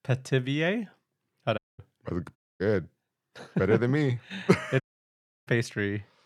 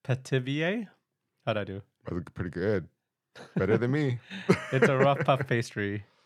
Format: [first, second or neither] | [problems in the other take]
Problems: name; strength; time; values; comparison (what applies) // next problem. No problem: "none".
second | audio cutting out; at 1.5 s, at 2.5 s and at 5 s for 0.5 s